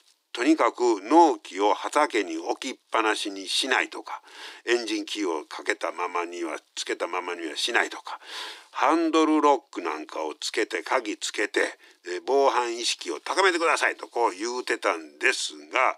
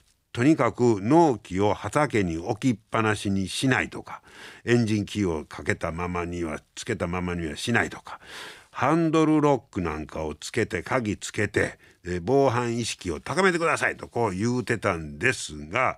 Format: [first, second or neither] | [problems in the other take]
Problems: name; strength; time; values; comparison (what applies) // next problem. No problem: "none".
second | thin; very; fading below 300 Hz